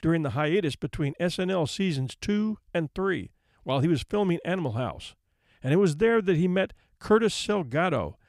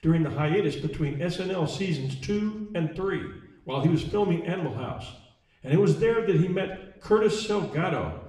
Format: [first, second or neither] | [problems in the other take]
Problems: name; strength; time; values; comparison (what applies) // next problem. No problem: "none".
first | room echo; noticeable; dies away in 0.8 s // off-mic speech; far